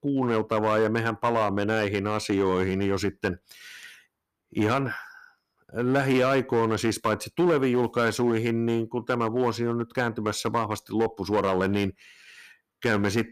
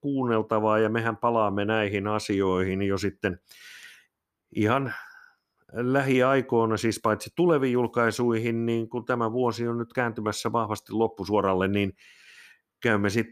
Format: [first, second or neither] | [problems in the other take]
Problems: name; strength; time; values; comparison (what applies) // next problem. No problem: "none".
second | distortion; slight; 5% of the sound clipped